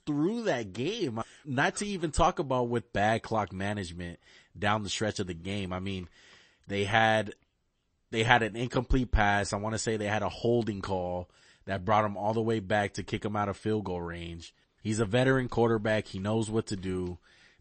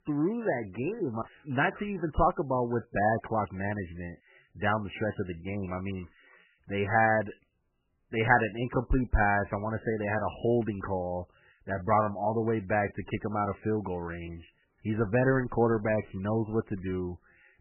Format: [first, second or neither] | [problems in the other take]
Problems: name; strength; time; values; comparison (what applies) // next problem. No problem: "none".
first | garbled, watery; badly; nothing above 3 kHz; slightly in the first